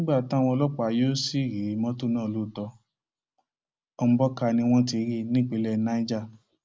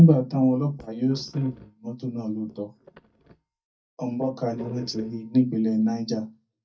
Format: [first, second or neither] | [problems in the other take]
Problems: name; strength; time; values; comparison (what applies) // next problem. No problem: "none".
first | noise reduction (neural mask model DeepFilterNet 3)